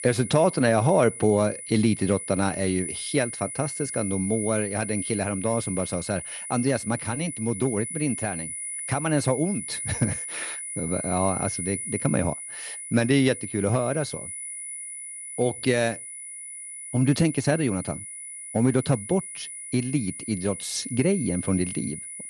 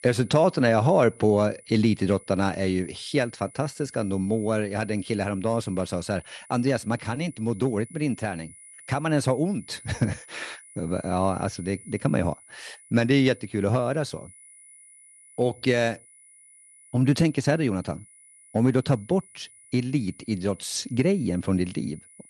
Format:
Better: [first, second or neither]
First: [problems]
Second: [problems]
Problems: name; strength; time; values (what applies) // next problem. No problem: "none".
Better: second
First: high-pitched whine; loud; throughout; 10 kHz, 7 dB below the speech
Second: high-pitched whine; faint; throughout; 10 kHz, 20 dB below the speech